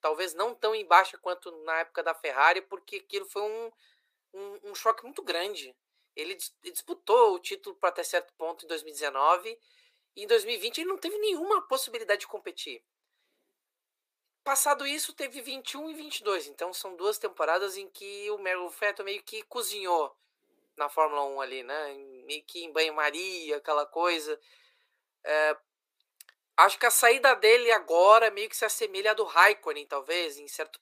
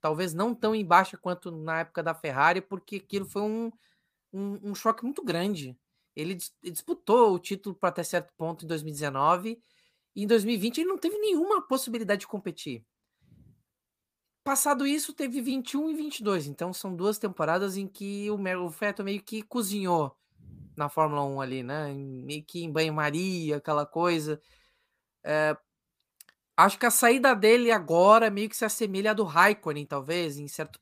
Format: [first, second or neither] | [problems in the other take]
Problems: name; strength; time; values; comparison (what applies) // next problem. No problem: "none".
second | thin; very; fading below 400 Hz